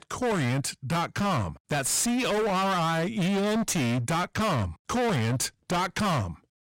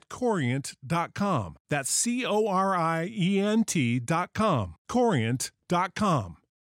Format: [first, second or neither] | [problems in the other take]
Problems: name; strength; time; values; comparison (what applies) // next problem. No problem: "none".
second | distortion; heavy; 38% of the sound clipped